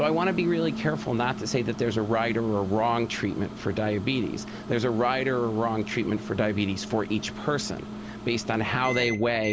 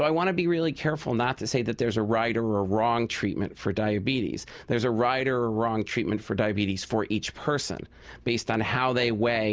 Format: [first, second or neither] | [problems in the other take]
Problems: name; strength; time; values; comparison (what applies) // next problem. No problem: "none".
second | background sound (Microwave oven); 10 dB below the speech